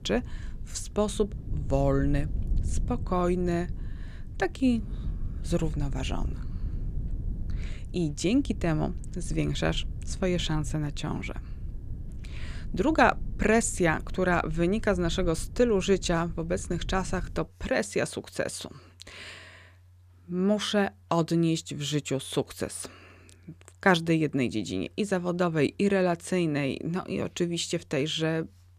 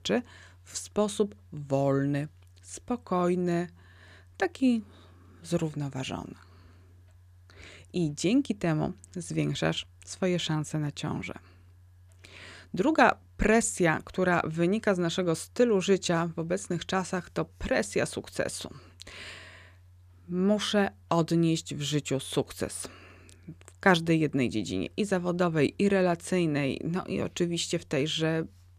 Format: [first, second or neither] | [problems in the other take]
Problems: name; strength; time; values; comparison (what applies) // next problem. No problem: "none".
second | low rumble; faint; until 17 s; 25 dB below the speech